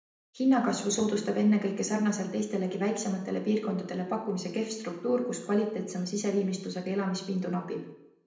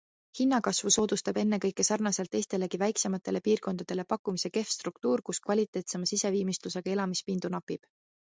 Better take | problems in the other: second | room echo; dies away in 0.7 s

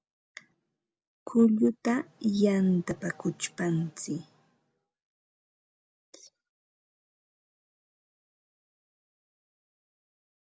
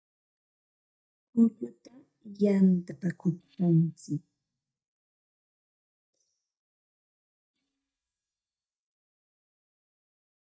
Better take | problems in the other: first | noise reduction (neural mask model DeepFilterNet 3)

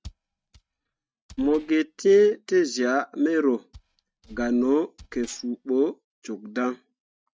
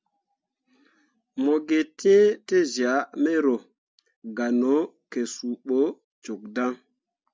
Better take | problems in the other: second | noise reduction (neural mask model RNNoise)

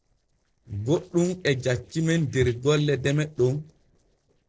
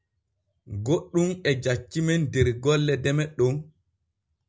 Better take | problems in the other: second | noise reduction (neural separator model SepFormer DNS4)

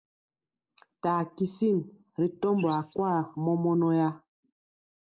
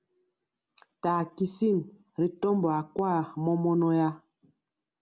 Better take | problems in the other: second | noise reduction (neural mask model Resemble Enhance denoiser)

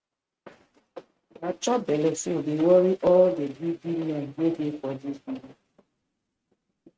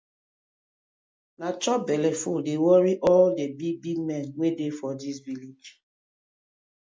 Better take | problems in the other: second | noise reduction (neural mask model RNNoise)

